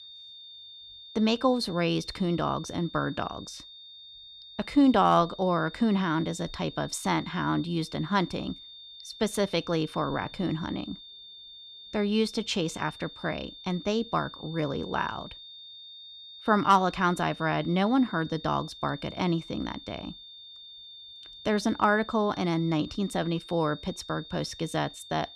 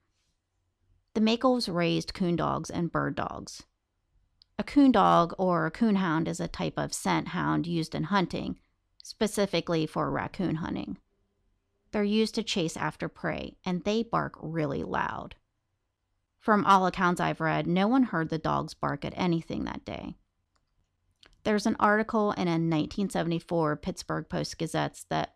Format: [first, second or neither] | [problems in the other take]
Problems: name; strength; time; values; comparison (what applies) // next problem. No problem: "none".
second | high-pitched whine; noticeable; throughout; 3.5 kHz, 15 dB below the speech